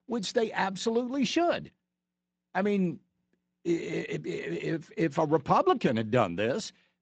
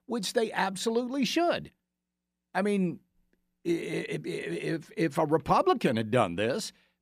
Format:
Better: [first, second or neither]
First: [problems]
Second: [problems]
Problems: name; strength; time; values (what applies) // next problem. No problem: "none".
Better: second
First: garbled, watery; slightly; nothing above 7.5 kHz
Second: none